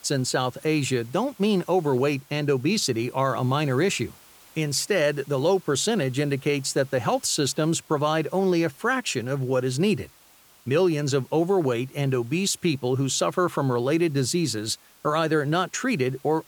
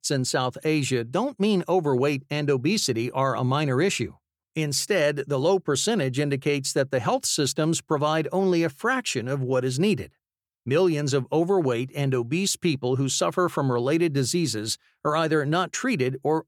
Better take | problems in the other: second | hiss; faint; throughout; 25 dB below the speech

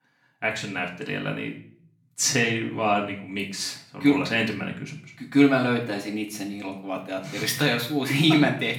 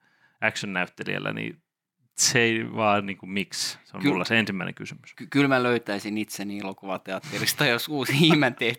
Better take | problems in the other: second | room echo; slight; dies away in 0.5 s // off-mic speech; far

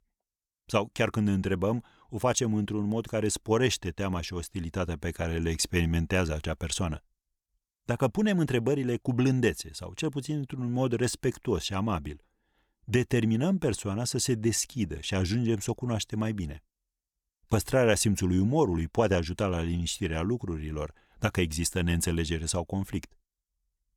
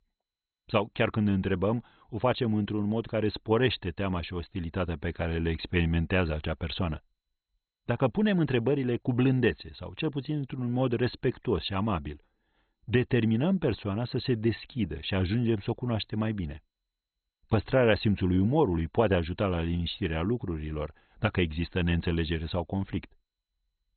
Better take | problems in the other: first | garbled, watery; badly; nothing above 4 kHz

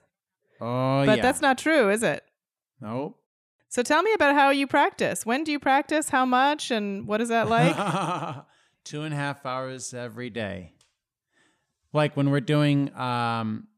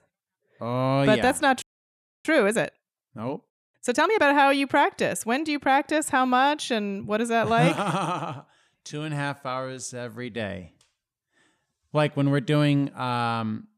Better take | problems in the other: first | audio freezing; at 1.5 s for 0.5 s

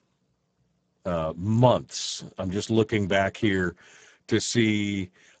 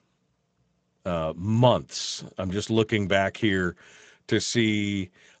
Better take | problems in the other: second | garbled, watery; badly; nothing above 8 kHz; slightly in the second

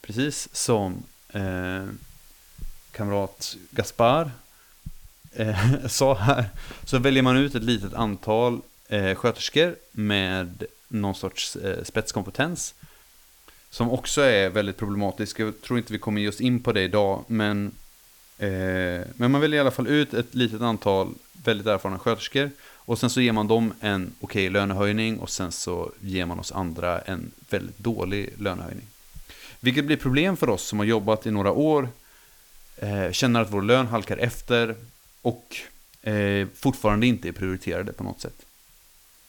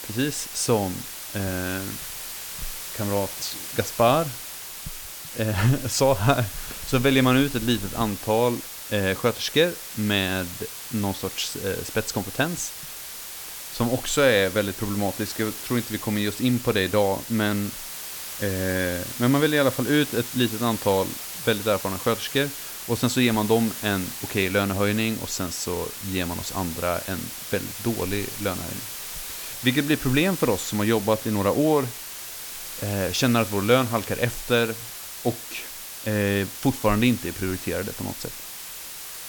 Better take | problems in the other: first | hiss; loud; throughout; 9 dB below the speech; faint in the first

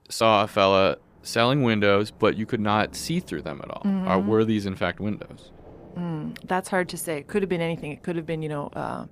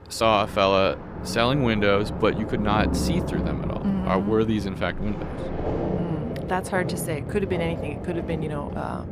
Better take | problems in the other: first | rain or running water; loud; throughout; 6 dB below the speech; faint in the first

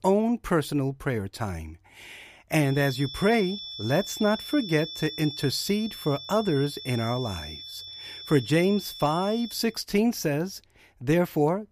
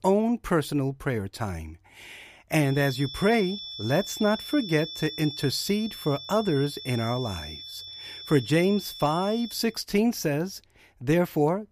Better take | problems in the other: neither | high-pitched whine; noticeable; from 2.5 to 9.5 s; 3.5 kHz, 10 dB below the speech; the same in both

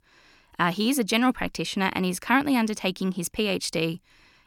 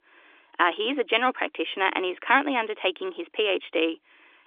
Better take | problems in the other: first | phone-call audio; nothing above 3.5 kHz

